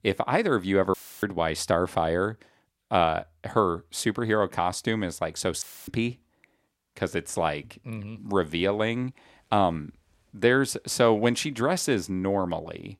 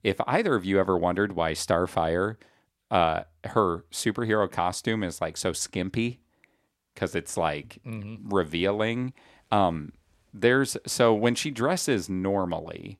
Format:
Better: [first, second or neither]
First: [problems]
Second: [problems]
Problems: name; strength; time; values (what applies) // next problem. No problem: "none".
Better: second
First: audio cutting out; filled with static; at 1 s and at 5.5 s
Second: none